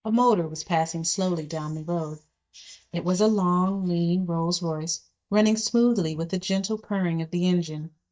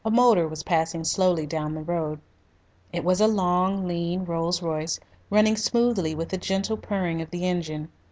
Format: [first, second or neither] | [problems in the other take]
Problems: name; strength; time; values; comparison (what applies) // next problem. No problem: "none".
second | noise reduction (neural mask model DeepFilterNet 3)